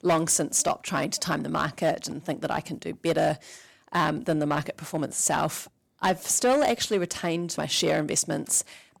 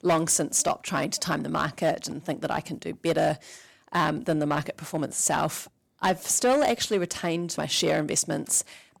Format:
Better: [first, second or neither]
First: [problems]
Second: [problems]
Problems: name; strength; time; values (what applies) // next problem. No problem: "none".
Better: neither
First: distortion; slight; 4% of the sound clipped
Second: distortion; slight; 4% of the sound clipped